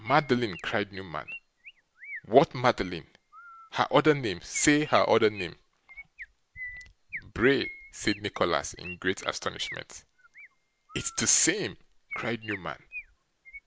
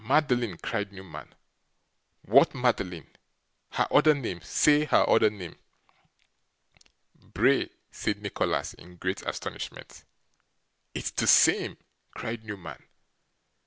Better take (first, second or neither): second